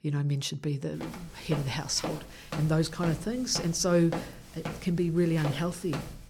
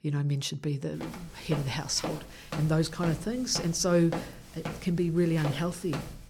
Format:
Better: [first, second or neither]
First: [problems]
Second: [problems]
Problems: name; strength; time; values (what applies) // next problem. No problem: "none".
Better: neither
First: footsteps; noticeable; from 1 s on; peak 8 dB below the speech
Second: footsteps; noticeable; from 1 s on; peak 8 dB below the speech